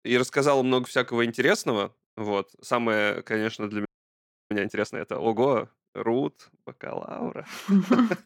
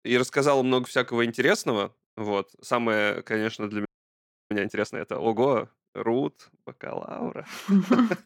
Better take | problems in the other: neither | audio freezing; at 4 s for 0.5 s; the same in both

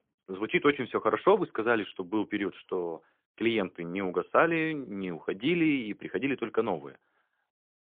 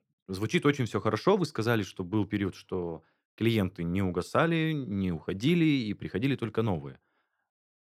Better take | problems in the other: second | phone-call audio; poor line; nothing above 3.5 kHz

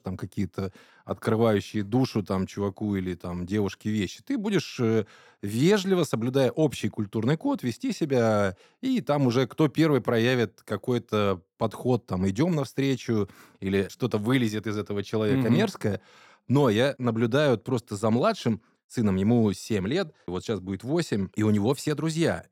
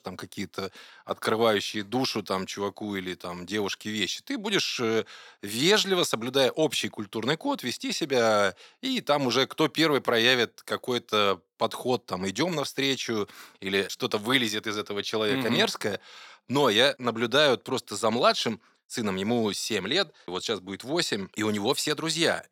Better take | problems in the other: first | thin; somewhat; fading below 850 Hz

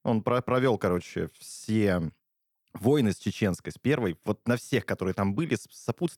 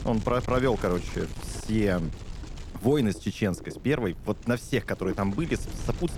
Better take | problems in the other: first | wind noise on the microphone; occasional gusts; 15 dB below the speech

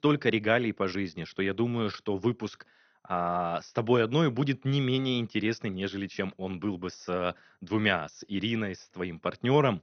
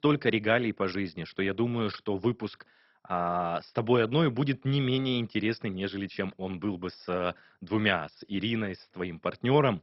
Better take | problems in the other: first | garbled, watery; badly; nothing above 5.5 kHz; slightly in the first

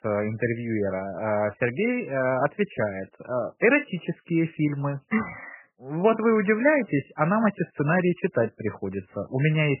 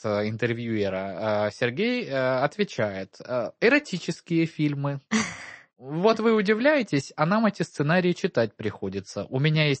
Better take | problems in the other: second | garbled, watery; badly; nothing above 3 kHz; slightly in the second

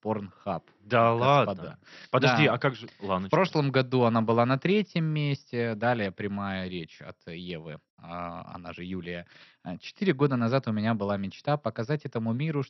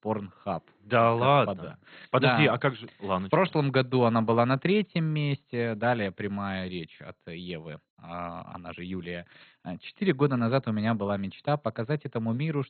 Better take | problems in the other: first | garbled, watery; badly; nothing above 4 kHz; slightly in the first

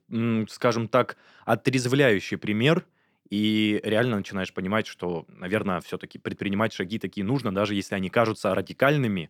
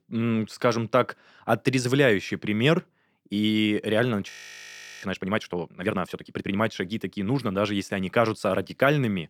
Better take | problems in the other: first | audio freezing; at 4.5 s for 0.5 s

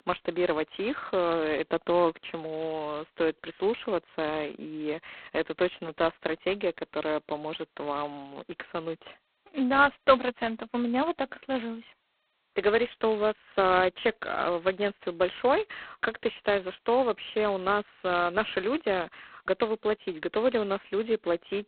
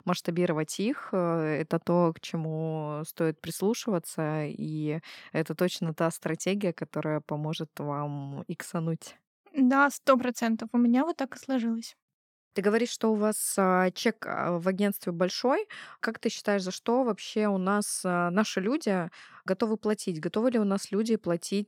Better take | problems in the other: second | phone-call audio; poor line; nothing above 4 kHz

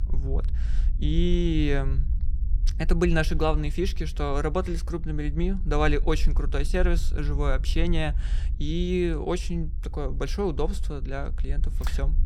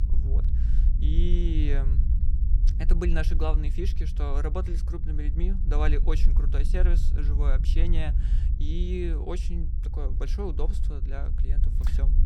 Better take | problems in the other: first | low rumble; loud; throughout; 9 dB below the speech; faint in the first

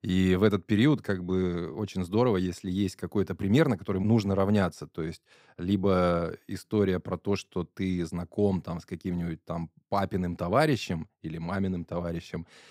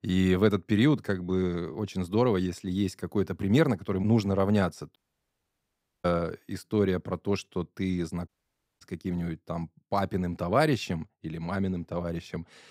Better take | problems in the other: first | audio cutting out; at 5 s for 1 s and at 8.5 s for 0.5 s

